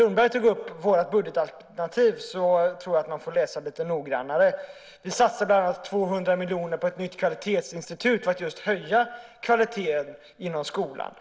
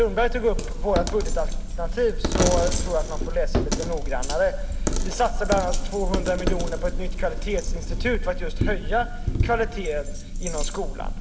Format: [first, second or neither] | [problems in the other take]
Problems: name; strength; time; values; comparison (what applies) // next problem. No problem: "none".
first | background sound (Coin (dropping)); 2 dB above the speech